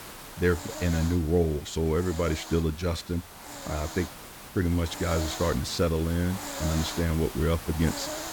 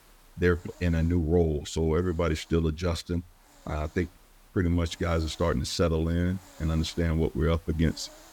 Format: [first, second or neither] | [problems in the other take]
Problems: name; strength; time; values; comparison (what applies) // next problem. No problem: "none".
second | hiss; loud; throughout; 10 dB below the speech; faint in the second